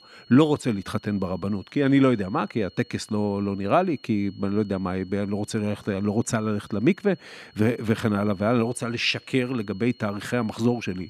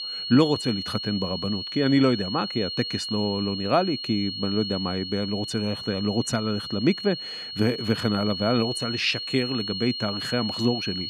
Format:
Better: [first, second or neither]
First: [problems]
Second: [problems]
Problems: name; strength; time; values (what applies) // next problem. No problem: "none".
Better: first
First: high-pitched whine; faint; throughout; 4.5 kHz, 25 dB below the speech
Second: high-pitched whine; loud; throughout; 4.5 kHz, 5 dB below the speech